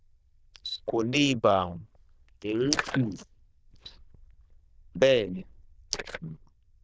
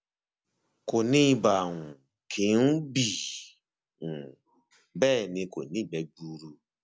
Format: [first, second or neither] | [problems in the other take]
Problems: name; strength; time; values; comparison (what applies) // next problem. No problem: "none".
second | noise reduction (neural diffusion model UNIVERSE++)